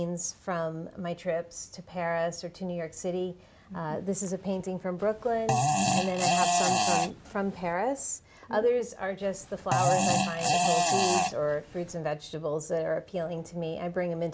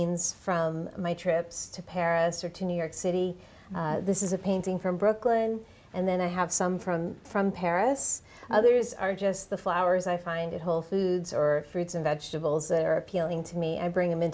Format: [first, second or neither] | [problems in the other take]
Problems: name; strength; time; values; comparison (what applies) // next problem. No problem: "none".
second | background sound (Fart); 4 dB above the speech